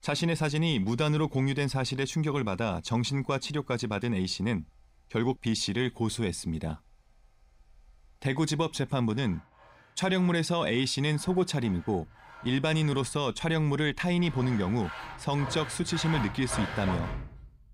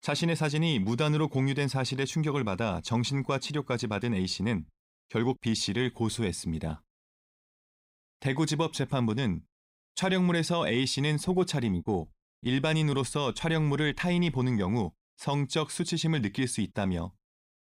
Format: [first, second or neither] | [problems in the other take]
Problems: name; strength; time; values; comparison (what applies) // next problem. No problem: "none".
second | machinery noise; noticeable; throughout; 10 dB below the speech